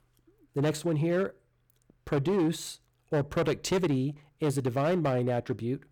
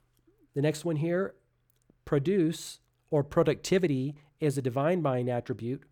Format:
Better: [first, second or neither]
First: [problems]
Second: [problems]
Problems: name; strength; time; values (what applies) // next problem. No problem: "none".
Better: second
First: distortion; slight; 9% of the sound clipped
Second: none